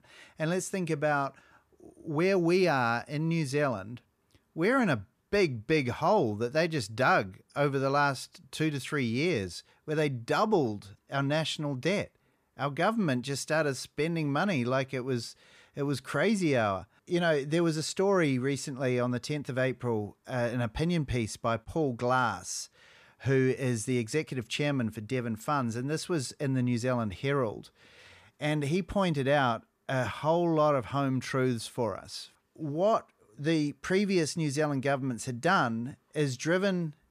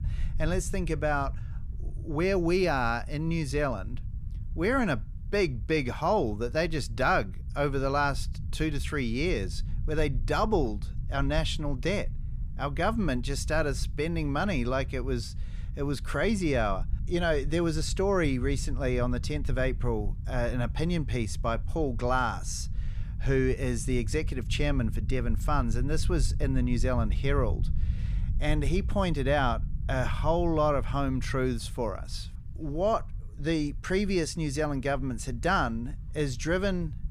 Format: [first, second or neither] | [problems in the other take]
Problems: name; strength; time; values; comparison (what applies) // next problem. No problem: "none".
first | low rumble; faint; throughout; 20 dB below the speech